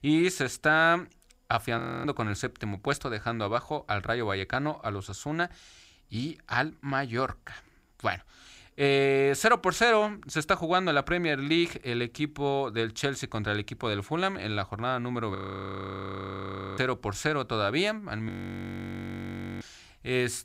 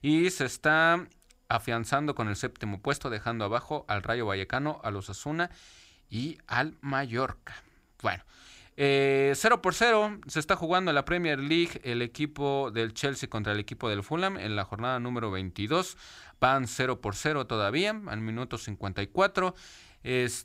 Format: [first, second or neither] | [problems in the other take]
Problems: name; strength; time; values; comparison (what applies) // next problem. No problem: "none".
second | audio freezing; at 2 s, at 15 s for 1.5 s and at 18 s for 1.5 s